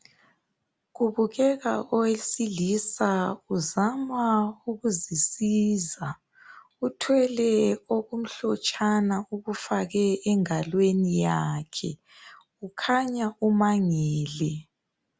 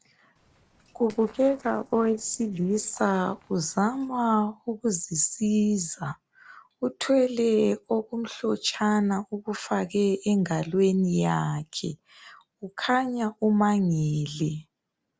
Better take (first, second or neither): first